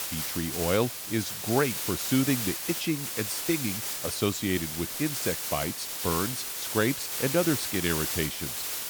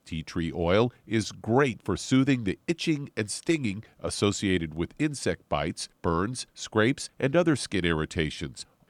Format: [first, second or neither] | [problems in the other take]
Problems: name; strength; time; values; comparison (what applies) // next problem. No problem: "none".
second | hiss; loud; throughout; 1 dB below the speech